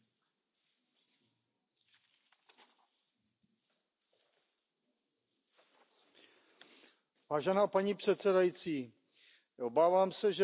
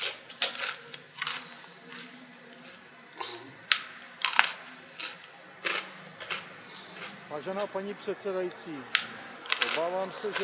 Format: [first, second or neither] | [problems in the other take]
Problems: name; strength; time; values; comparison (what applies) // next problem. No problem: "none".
first | background sound (Chewing, mastication); 4 dB above the speech